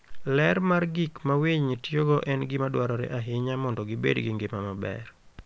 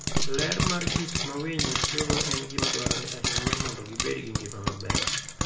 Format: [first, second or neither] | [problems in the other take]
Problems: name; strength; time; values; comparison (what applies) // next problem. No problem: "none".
first | background sound (Frying (food)); 3 dB above the speech // room echo; dies away in 0.5 s